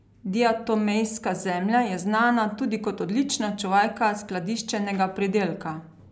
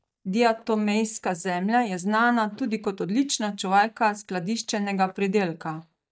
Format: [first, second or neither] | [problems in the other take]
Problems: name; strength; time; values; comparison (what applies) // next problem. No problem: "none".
first | noise reduction (neural mask model DeepFilterNet 3)